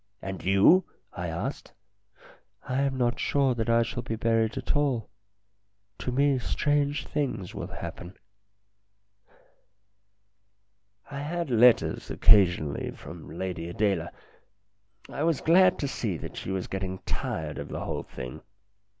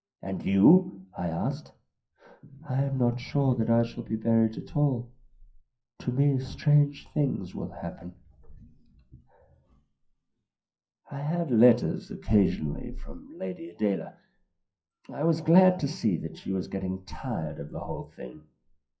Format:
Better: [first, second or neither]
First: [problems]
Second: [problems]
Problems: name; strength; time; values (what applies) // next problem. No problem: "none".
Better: first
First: none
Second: noise reduction (classical method WPE with log-MMSE)